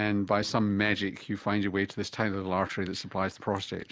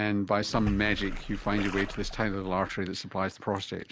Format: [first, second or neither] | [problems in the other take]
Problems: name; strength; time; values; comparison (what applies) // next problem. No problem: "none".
first | background sound (Splash, splatter); 8 dB below the speech